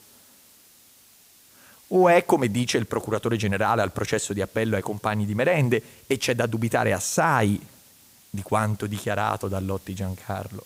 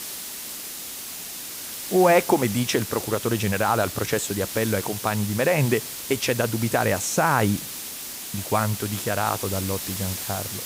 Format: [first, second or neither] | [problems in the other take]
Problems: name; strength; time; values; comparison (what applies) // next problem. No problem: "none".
first | hiss; loud; throughout; 7 dB below the speech; faint in the first